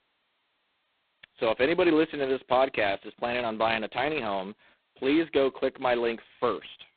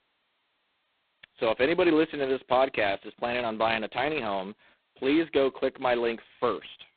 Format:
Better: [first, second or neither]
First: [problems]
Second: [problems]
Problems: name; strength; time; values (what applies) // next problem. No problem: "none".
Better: neither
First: phone-call audio; poor line; nothing above 4 kHz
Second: phone-call audio; poor line; nothing above 4 kHz